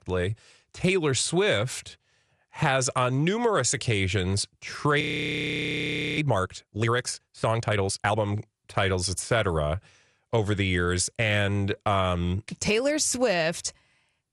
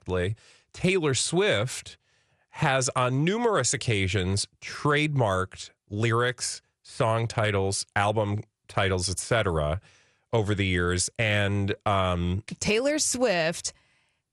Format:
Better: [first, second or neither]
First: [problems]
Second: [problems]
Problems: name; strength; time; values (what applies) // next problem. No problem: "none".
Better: second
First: audio freezing; at 5 s for 1 s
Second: none